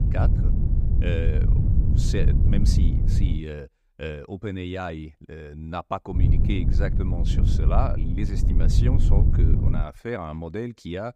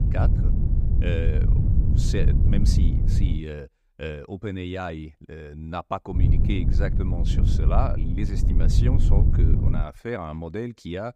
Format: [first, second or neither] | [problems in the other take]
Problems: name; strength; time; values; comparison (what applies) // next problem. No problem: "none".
neither | wind noise on the microphone; heavy; until 3.5 s and from 6 to 10 s; 3 dB below the speech; the same in both